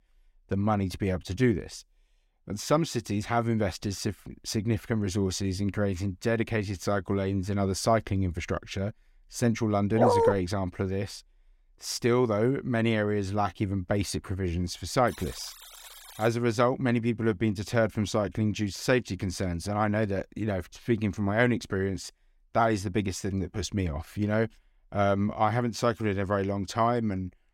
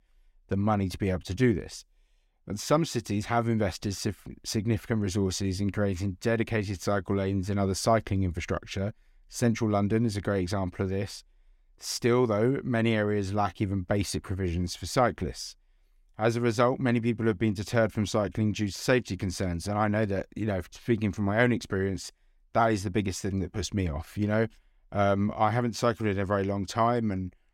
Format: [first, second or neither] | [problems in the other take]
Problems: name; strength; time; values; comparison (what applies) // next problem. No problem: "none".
second | dog barking; loud; at 10 s; peak 6 dB above the speech // alarm; faint; from 15 to 16 s; peak 15 dB below the speech